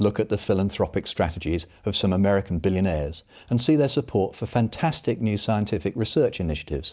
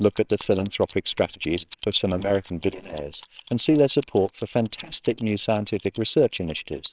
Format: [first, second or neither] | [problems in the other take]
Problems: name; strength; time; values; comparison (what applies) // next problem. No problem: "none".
first | noise reduction (neural separator model SepFormer WHAMR!)